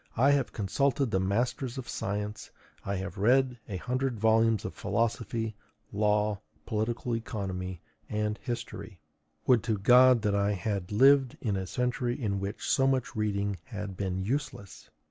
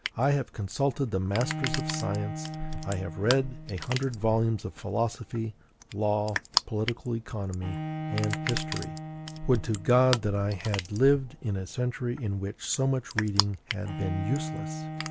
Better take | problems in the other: first | background sound (Bowed string instrument + Crushing); 6 dB below the speech

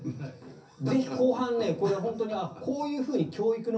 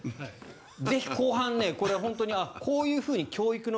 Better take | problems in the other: second | room echo; dies away in 0.3 s

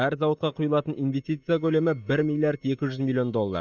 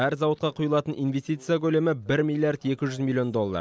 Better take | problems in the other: second | noise reduction (neural mask model DeepFilterNet 3)

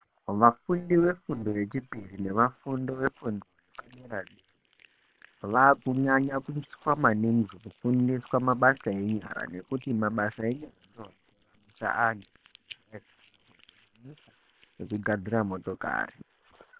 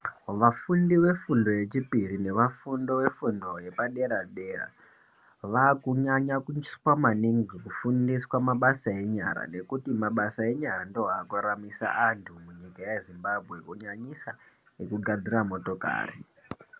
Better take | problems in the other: second | noise reduction (neural separator model SepFormer WHAM!)

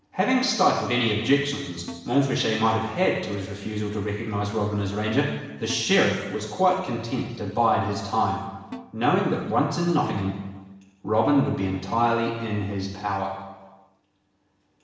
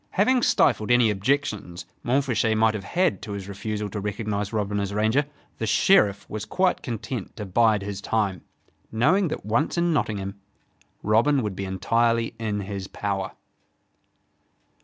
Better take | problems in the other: second | background sound (Snare drum); 20 dB below the speech // room echo; dies away in 1.1 s

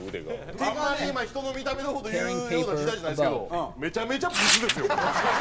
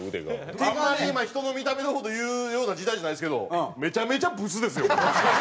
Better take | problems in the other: second | background sound (Tearing); 2 dB below the speech

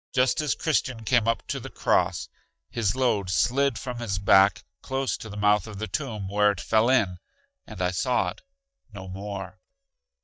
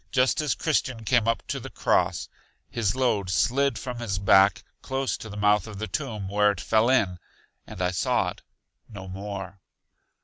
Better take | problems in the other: second | noise reduction (neural mask model DeepFilterNet 3)

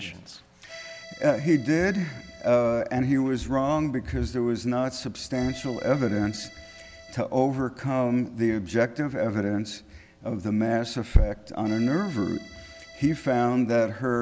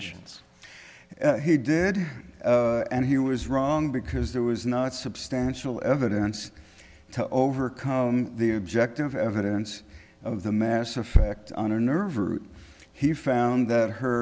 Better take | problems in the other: second | background sound (Accordion); 19 dB below the speech

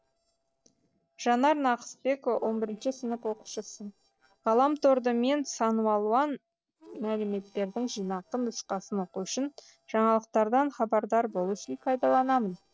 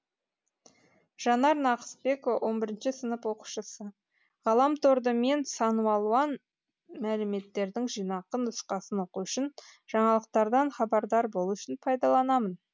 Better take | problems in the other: second | noise reduction (neural separator model SepFormer DNS4)

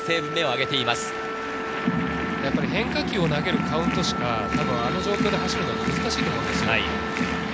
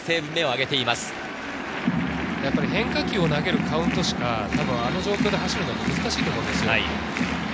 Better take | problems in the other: second | background sound (Wind instrument, woodwind instrument); 7 dB below the speech

